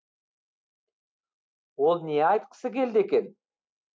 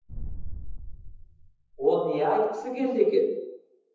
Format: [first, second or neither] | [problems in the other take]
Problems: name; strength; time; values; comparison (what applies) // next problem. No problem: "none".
first | noise reduction (classical method WPE with log-MMSE)